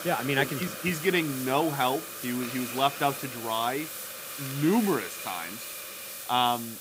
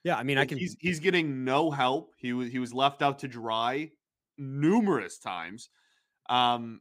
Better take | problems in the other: second | hiss; loud; throughout; 8 dB below the speech

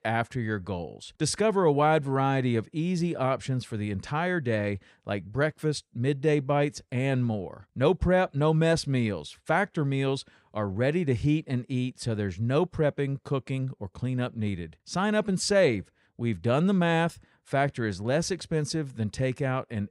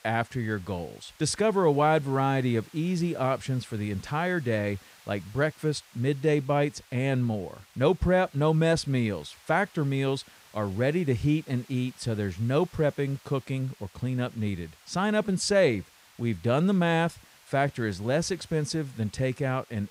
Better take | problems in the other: first | hiss; faint; throughout; 25 dB below the speech

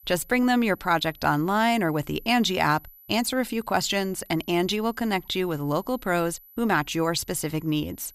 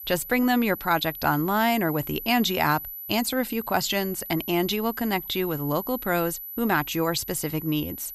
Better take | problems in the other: first | high-pitched whine; loud; throughout; 12 kHz, 10 dB below the speech; faint in the first

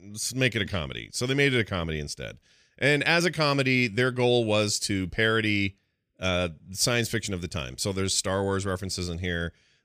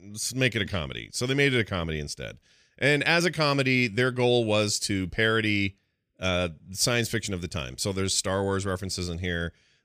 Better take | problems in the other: neither | none

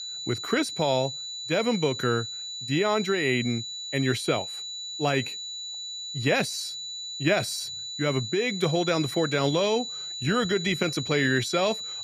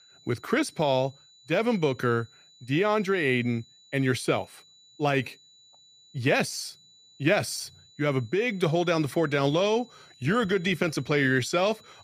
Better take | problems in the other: second | high-pitched whine; loud; throughout; 4 kHz, 6 dB below the speech; faint in the second

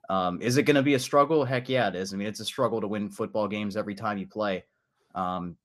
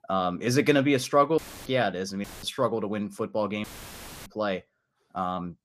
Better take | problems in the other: first | audio cutting out; filled with static; at 1.5 s, at 2 s and at 3.5 s for 0.5 s

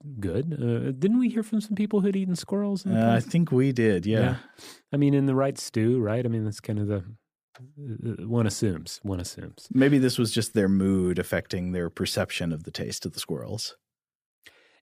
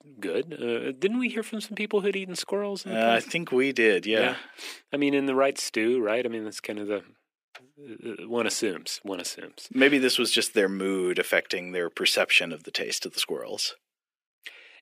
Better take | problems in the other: first | thin; somewhat; fading below 350 Hz

